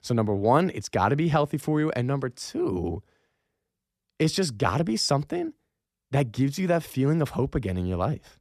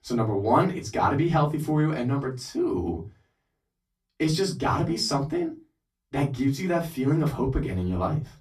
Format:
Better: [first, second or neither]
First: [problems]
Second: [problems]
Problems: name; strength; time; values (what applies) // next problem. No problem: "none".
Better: first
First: none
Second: off-mic speech; far // room echo; very slight; dies away in 0.2 s